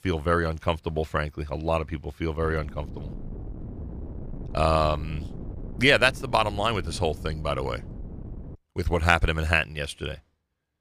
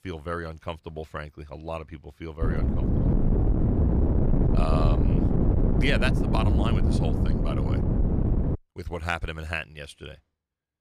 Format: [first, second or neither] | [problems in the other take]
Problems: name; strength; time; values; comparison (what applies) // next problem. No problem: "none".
first | wind noise on the microphone; heavy; from 2.5 to 8.5 s; 1 dB below the speech; occasional gusts in the first